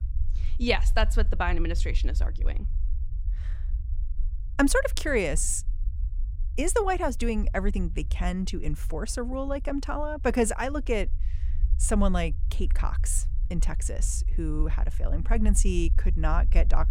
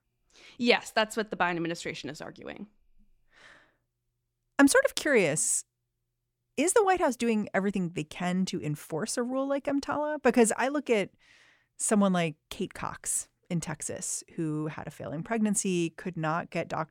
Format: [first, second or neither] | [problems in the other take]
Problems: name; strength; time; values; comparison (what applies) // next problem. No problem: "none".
second | low rumble; faint; throughout; 25 dB below the speech